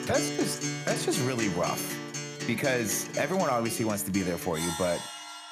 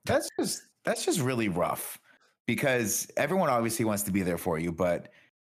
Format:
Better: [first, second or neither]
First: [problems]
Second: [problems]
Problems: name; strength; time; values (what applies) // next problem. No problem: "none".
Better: second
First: background music; loud; throughout; 5 dB below the speech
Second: none